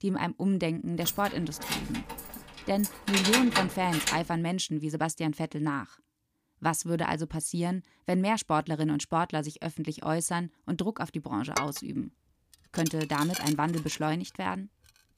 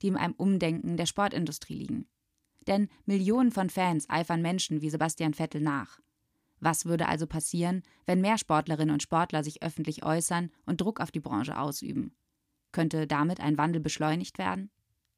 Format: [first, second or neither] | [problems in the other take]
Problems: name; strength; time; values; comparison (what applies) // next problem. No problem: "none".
second | jangling keys; loud; from 1 to 4 s; peak 6 dB above the speech // clattering dishes; noticeable; from 12 to 14 s; peak 3 dB below the speech